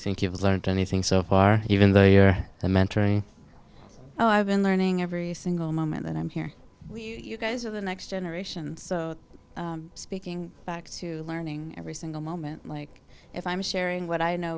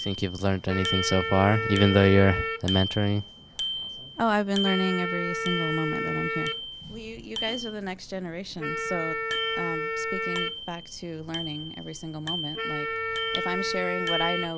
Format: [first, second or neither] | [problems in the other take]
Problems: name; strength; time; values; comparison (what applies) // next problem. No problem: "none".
first | background sound (Bicycle bell + Wind instrument, woodwind instrument); 3 dB below the speech